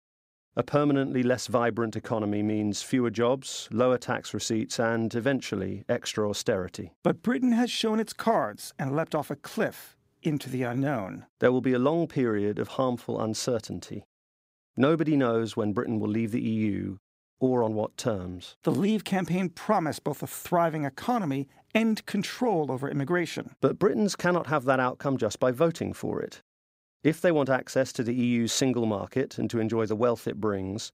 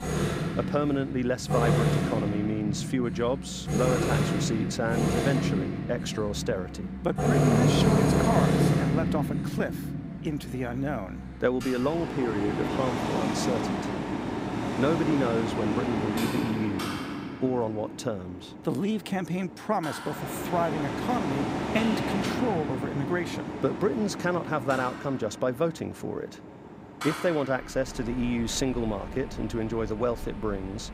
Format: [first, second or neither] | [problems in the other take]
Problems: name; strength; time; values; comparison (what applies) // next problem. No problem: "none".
first | machinery noise; very loud; throughout; 1 dB above the speech